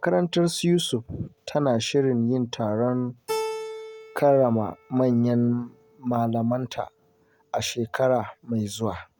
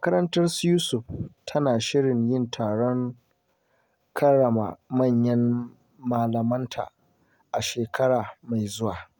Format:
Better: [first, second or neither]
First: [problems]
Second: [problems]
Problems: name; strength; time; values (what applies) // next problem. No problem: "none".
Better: second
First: background sound (Keyboard (musical)); 16 dB below the speech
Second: none